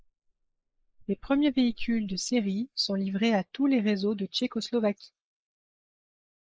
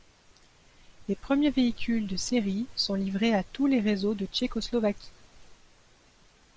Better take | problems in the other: second | noise reduction (neural mask model Resemble Enhance denoiser)

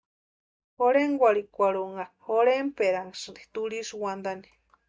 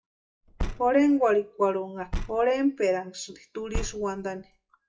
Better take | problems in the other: first | noise reduction (classical method WPE with log-MMSE)

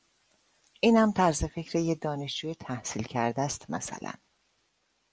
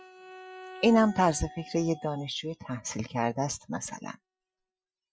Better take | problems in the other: first | noise reduction (classical method Wiener filter)

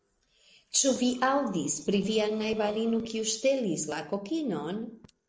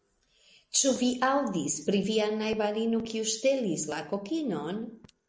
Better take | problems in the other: second | noise reduction (neural separator model SepFormer DNS4)

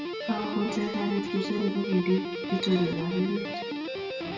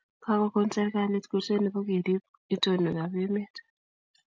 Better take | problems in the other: second | background sound (Guitar); 4 dB below the speech // room echo; dies away in 0.9 s

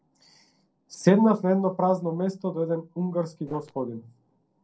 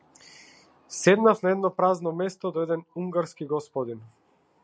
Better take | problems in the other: second | noise reduction (neural separator model SepFormer DNS4)

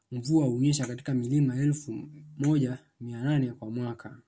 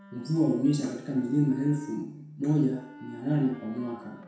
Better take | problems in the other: first | background sound (Wind instrument, woodwind instrument); 20 dB below the speech // room echo; dies away in 0.7 s

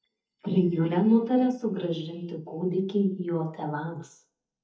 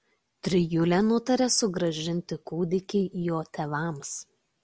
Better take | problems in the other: second | noise reduction (neural mask model DeepFilterNet 3)

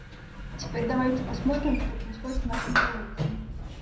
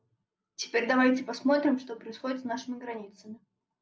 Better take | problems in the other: second | background sound (Sliding door); as loud as the speech // room echo; dies away in 0.5 s

